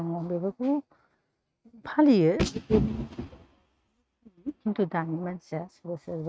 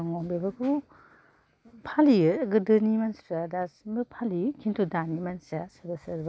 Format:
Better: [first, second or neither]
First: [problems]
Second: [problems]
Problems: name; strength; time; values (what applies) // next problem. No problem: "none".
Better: second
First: noise reduction (neural mask model RNNoise)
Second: none